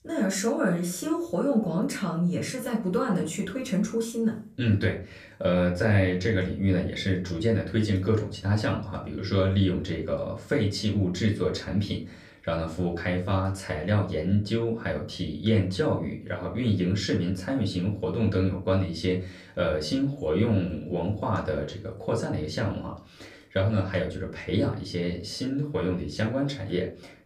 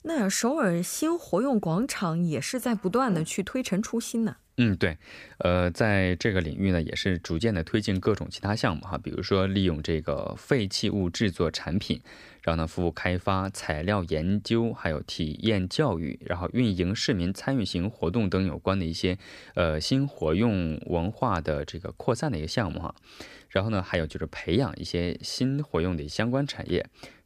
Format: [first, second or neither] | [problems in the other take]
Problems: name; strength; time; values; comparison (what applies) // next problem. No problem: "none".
second | off-mic speech; far // room echo; slight; dies away in 0.3 s